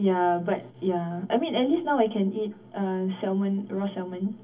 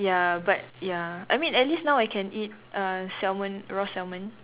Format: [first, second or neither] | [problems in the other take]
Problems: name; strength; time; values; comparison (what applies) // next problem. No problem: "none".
second | room echo; dies away in 0.3 s